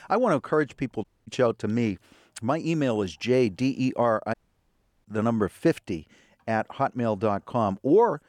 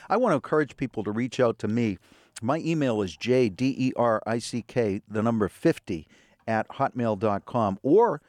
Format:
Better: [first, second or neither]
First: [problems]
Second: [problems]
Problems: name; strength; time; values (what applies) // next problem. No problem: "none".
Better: second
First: audio cutting out; at 1 s and at 4.5 s for 0.5 s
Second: none